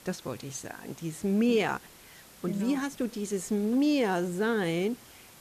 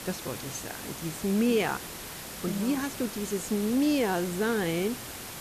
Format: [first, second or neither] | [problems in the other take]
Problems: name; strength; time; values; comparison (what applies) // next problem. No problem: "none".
first | hiss; loud; throughout; 9 dB below the speech; faint in the first